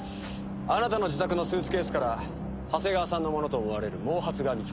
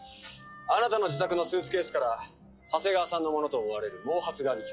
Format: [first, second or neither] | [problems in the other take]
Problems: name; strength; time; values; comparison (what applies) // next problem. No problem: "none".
first | noise reduction (classical method log-MMSE)